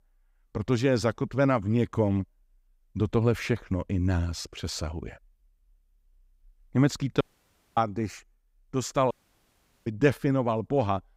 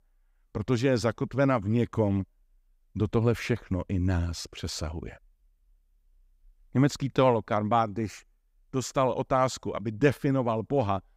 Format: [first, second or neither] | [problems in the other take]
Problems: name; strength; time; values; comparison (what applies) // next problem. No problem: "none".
second | audio cutting out; at 7 s for 0.5 s and at 9 s for 1 s